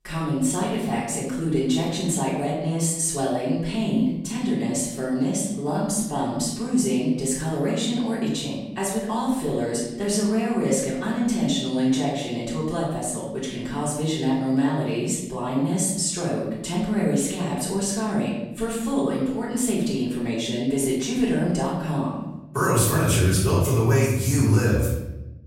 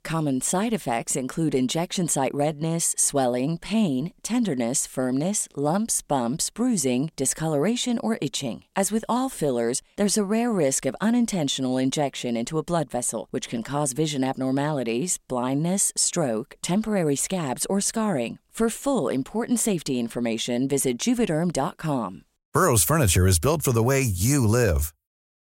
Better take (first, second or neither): second